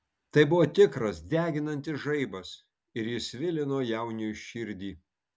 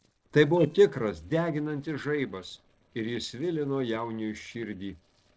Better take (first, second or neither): first